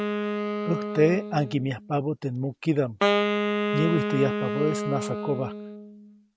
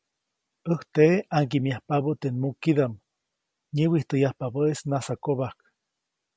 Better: second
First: background sound (Wind instrument, woodwind instrument); 1 dB below the speech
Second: none

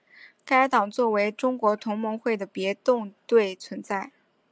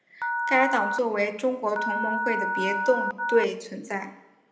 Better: first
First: none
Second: background sound (Telephone); 3 dB below the speech // room echo; dies away in 0.7 s

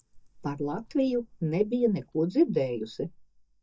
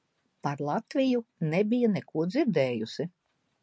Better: second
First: noise reduction (neural mask model DeepFilterNet 3)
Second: none

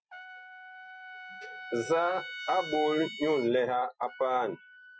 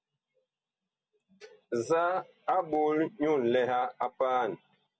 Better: second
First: noise reduction (classical method Wiener filter)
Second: none

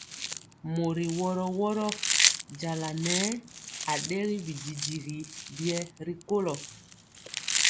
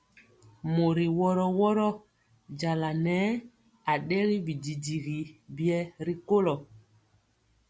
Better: second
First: background sound (Chewing, mastication); as loud as the speech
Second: none

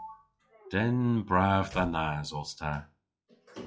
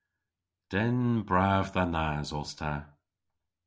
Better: second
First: noise reduction (classical method log-MMSE)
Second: none

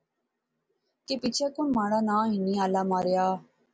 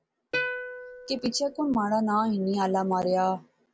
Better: first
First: none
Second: background sound (Plucked string instrument); 10 dB below the speech

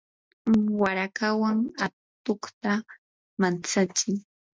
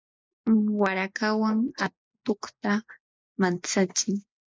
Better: first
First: none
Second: noise reduction (neural mask model Resemble Enhance denoiser)

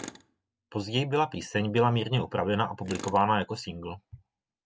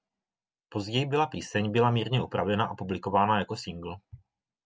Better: second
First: background sound (Tools); 20 dB below the speech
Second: none

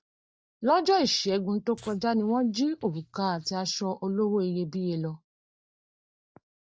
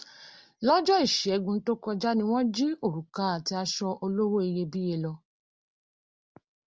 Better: second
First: noise reduction (neural mask model DeepFilterNet 3)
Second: none

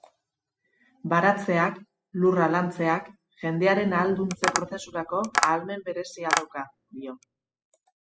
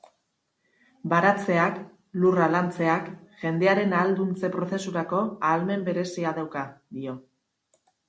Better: second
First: noise reduction (classical method spectral subtraction)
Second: none

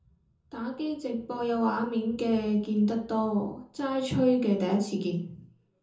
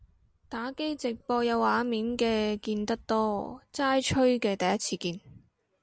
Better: second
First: room echo; dies away in 0.6 s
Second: none

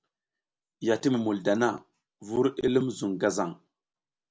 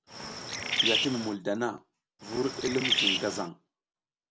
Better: first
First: none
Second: background sound (Bird); 3 dB above the speech

